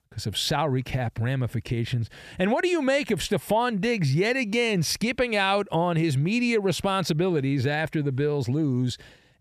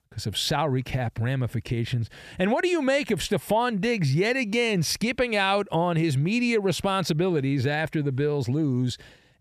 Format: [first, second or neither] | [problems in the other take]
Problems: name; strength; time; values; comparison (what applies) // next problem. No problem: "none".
neither | none